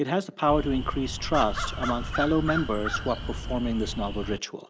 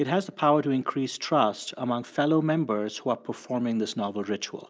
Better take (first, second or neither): second